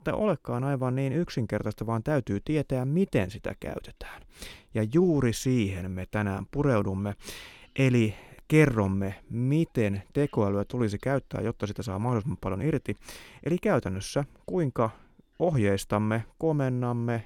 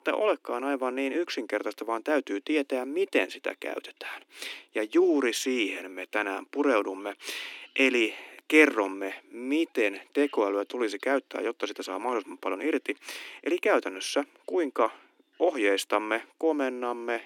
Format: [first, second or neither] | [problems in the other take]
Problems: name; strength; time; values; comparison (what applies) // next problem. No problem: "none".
first | thin; somewhat; fading below 250 Hz